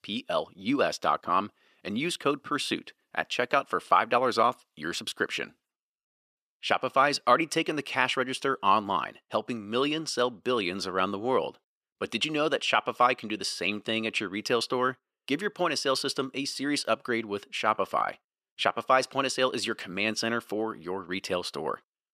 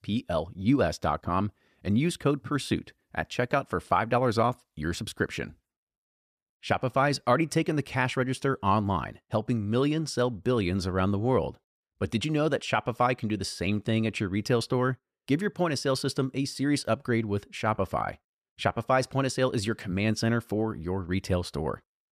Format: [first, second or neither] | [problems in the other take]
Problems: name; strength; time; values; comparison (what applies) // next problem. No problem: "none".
second | thin; somewhat; fading below 300 Hz